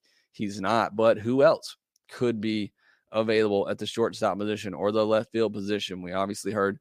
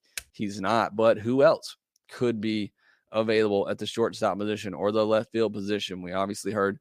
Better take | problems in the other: first | keyboard typing; very faint; at the start; peak 15 dB below the speech

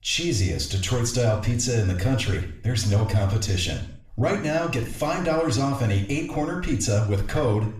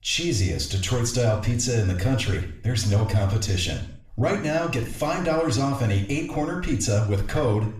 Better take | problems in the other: neither | room echo; noticeable; dies away in 0.5 s; the same in both // off-mic speech; somewhat distant; the same in both

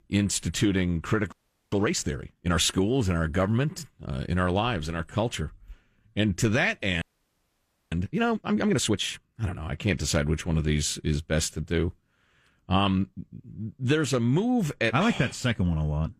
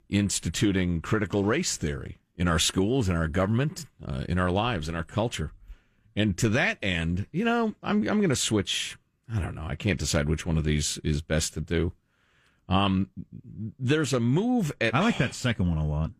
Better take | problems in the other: second | audio freezing; at 1.5 s and at 7 s for 1 s

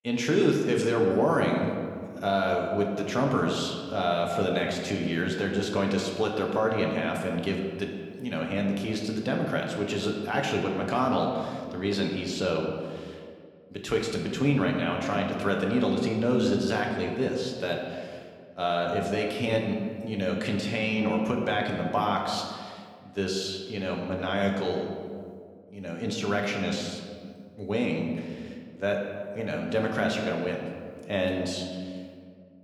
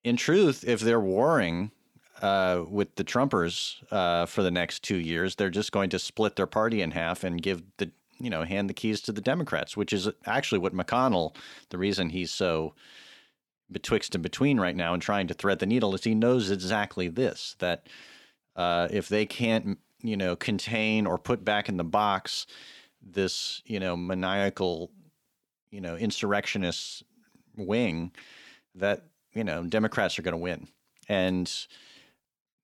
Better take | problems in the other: second | room echo; noticeable; dies away in 1.7 s

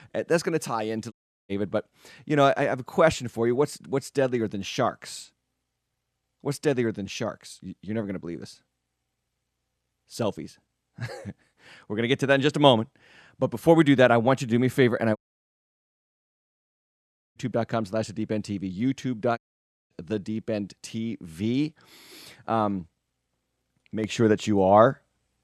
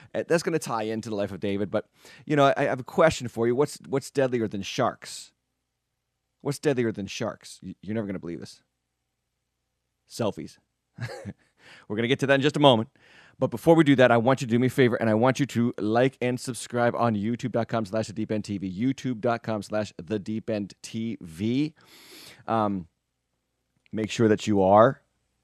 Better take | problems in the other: second | audio cutting out; at 1 s, at 15 s for 2 s and at 19 s for 0.5 s

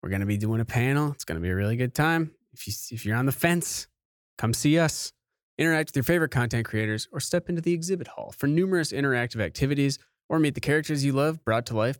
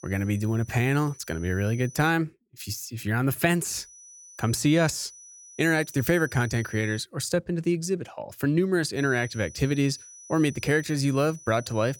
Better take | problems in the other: first | high-pitched whine; noticeable; until 2 s, from 3.5 to 7 s and from 9 s on; 6 kHz, 20 dB below the speech

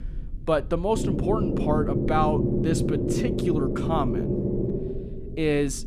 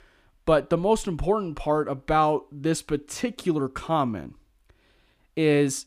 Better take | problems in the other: second | low rumble; loud; throughout; 4 dB below the speech

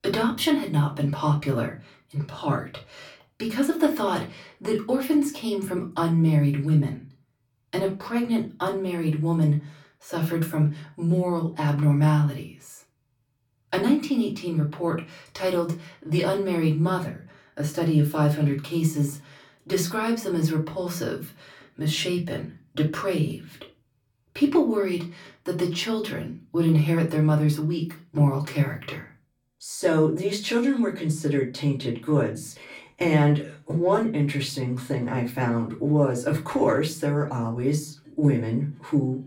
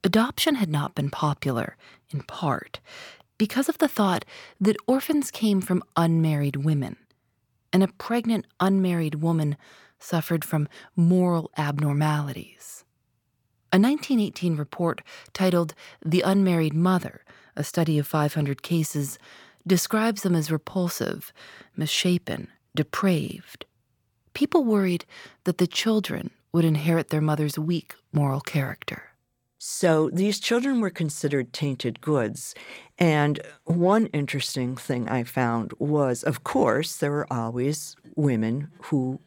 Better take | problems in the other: second | off-mic speech; far // room echo; very slight; dies away in 0.3 s

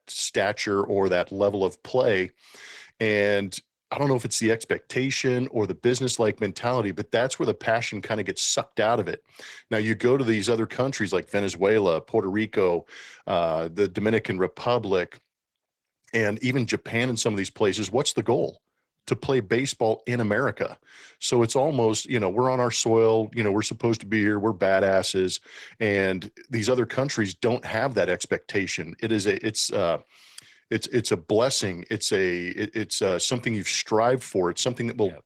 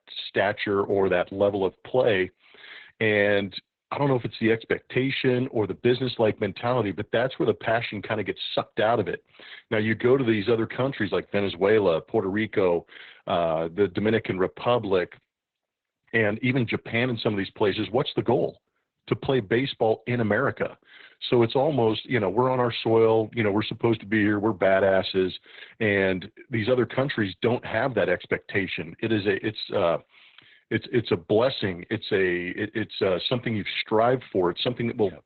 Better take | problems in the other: first | garbled, watery; badly; nothing above 4 kHz; slightly in the first

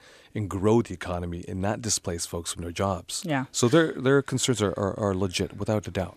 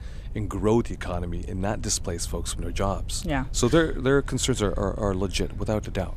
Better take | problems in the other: first | low rumble; faint; throughout; 25 dB below the speech

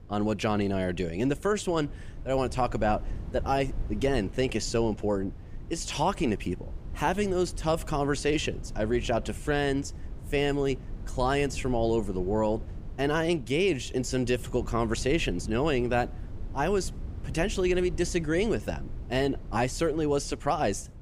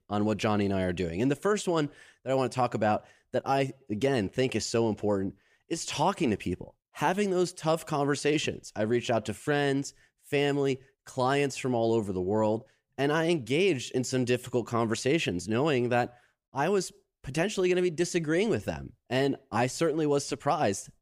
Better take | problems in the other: second | wind noise on the microphone; occasional gusts; 25 dB below the speech

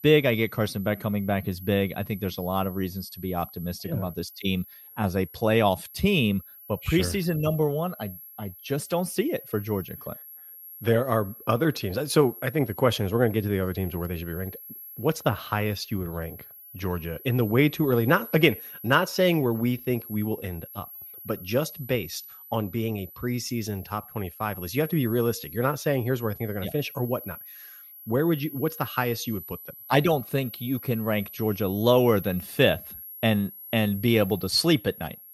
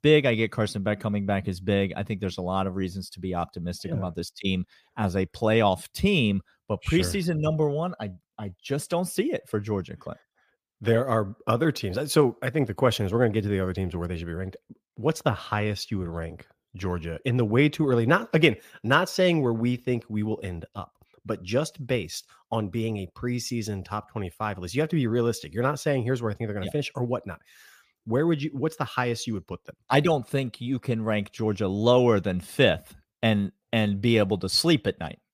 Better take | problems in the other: second | high-pitched whine; noticeable; throughout; 12 kHz, 15 dB below the speech

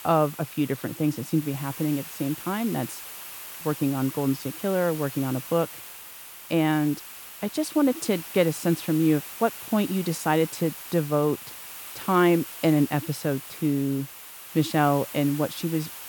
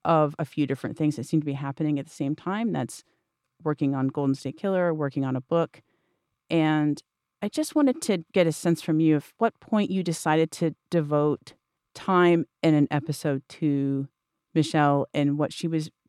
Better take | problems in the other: second | hiss; noticeable; throughout; 10 dB below the speech

